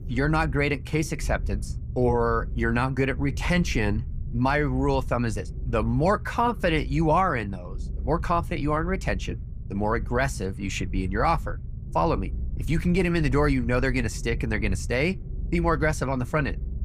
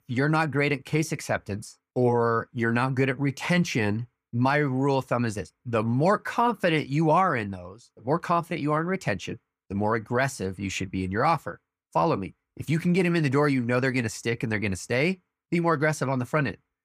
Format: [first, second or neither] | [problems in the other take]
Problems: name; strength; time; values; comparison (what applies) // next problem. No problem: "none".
second | low rumble; faint; throughout; 25 dB below the speech